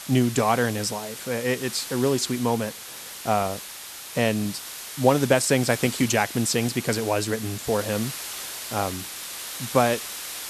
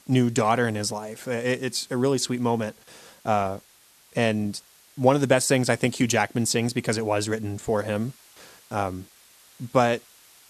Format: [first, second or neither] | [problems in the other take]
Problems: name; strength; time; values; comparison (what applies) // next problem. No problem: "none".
second | hiss; loud; throughout; 9 dB below the speech; faint in the second